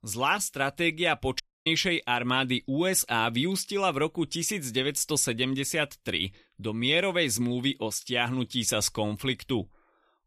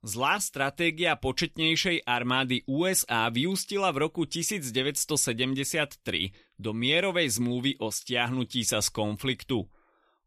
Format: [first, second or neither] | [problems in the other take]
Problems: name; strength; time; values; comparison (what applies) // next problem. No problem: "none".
second | audio cutting out; at 1.5 s